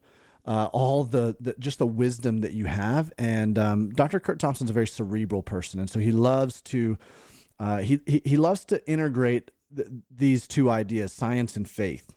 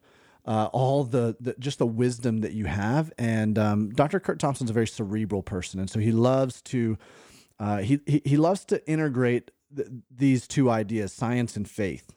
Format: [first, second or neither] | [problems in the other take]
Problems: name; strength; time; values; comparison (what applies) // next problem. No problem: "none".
second | garbled, watery; slightly; nothing above 19 kHz